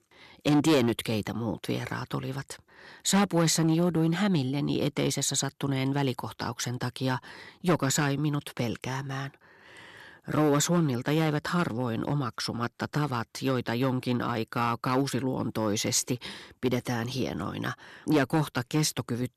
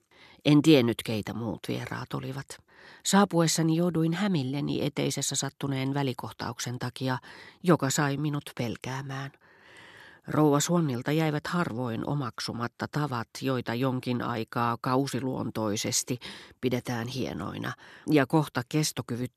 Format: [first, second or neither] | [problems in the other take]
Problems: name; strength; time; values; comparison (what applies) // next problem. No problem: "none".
second | distortion; slight; 3% of the sound clipped